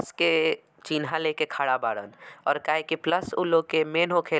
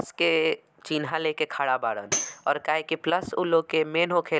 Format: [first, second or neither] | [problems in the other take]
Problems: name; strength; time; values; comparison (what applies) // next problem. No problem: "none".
first | background sound (Tambourine); 9 dB below the speech